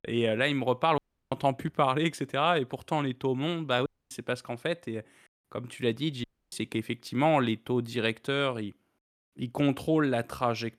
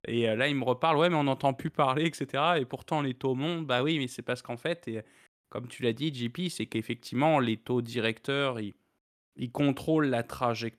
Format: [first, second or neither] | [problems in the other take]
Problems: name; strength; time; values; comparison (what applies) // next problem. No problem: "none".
second | audio cutting out; at 1 s, at 4 s and at 6 s